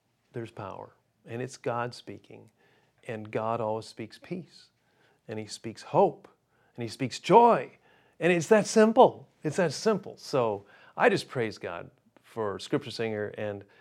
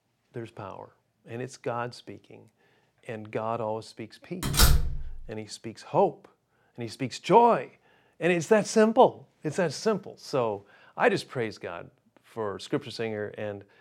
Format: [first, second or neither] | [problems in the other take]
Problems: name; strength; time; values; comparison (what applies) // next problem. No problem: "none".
first | door banging; loud; at 4.5 s; peak 5 dB above the speech